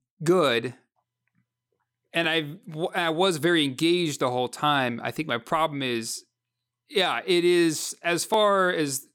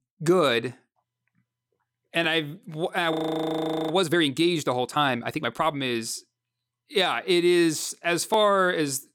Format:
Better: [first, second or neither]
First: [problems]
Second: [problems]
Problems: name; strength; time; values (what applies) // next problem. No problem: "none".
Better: first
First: none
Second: audio freezing; at 3 s for 1 s